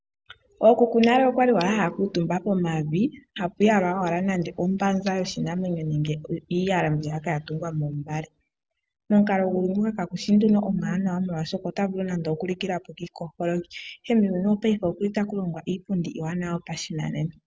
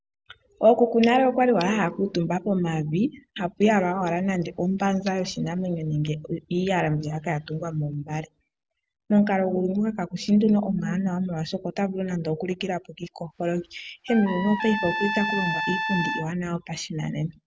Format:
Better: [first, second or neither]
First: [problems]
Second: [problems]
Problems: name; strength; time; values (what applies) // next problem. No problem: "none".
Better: first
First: none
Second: background sound (Trumpet); 6 dB below the speech